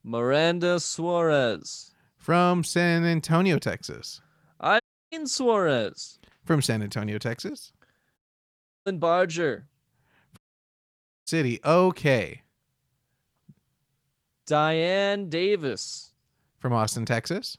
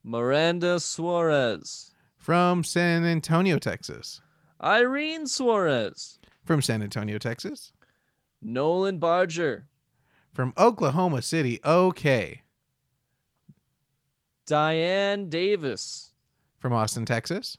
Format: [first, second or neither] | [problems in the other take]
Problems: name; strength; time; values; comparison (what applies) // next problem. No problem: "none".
second | audio cutting out; at 5 s, at 8 s for 0.5 s and at 10 s for 1 s